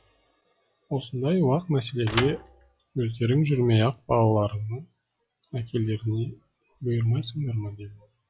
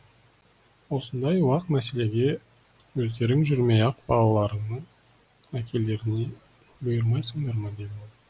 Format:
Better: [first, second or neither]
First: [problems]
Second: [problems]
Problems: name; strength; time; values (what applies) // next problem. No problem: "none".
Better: second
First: noise reduction (classical method log-MMSE)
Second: none